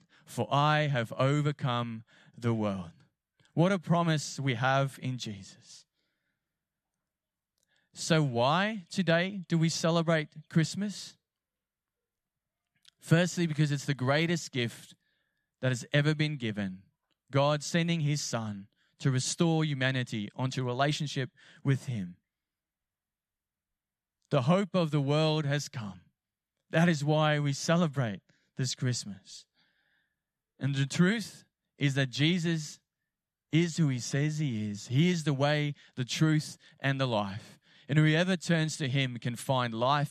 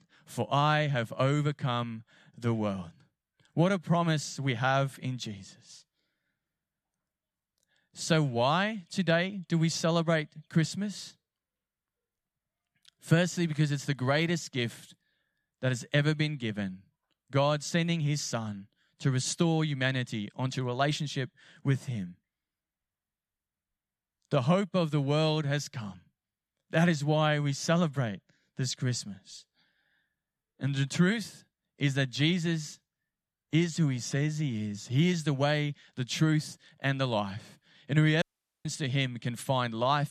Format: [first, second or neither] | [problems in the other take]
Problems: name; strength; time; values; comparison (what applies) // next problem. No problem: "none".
first | audio cutting out; at 38 s